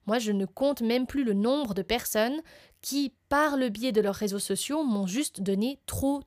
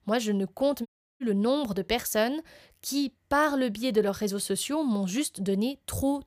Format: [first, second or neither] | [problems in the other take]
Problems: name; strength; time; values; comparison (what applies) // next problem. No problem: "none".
first | audio cutting out; at 1 s